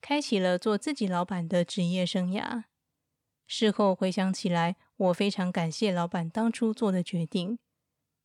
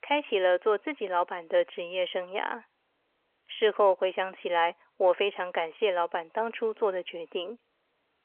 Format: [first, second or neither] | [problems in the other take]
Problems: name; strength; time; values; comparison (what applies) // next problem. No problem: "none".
first | phone-call audio; nothing above 3.5 kHz